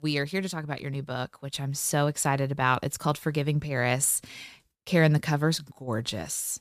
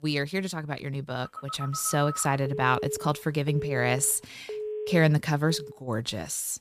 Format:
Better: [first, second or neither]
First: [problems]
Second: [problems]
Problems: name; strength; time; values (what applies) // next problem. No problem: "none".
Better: first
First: none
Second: phone ringing; noticeable; from 1 to 6 s; peak 6 dB below the speech